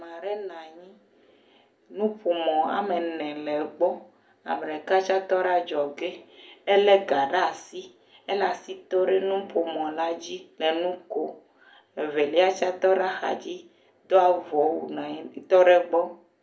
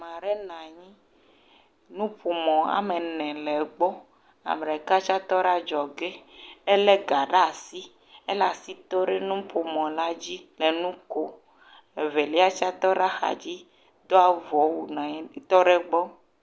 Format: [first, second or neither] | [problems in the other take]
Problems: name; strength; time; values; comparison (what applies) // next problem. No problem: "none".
second | room echo; dies away in 0.3 s